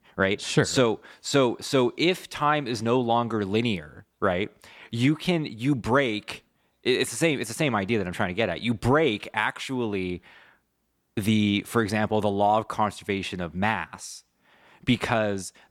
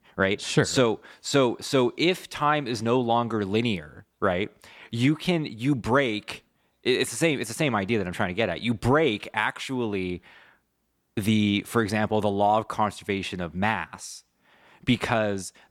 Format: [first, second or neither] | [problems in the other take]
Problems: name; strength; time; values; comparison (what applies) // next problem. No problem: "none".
neither | none